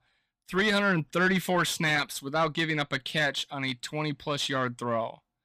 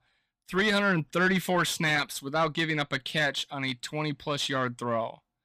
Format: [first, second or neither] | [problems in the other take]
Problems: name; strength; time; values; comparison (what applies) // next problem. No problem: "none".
neither | distortion; slight; 10 dB below the speech; the same in both